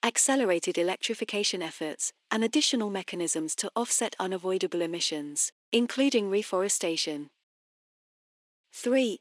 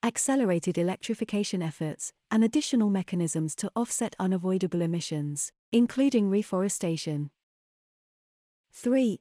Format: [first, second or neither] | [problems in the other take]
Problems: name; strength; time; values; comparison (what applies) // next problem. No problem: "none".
second | thin; somewhat; fading below 300 Hz